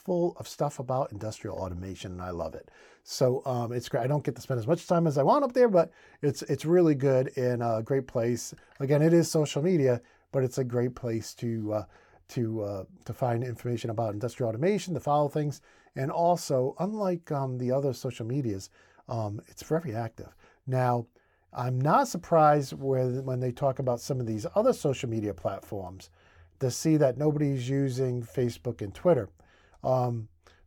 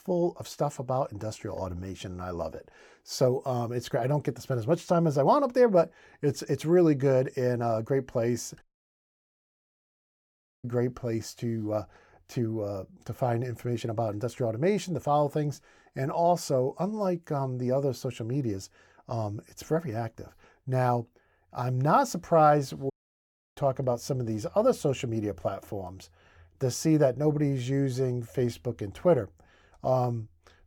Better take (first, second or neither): first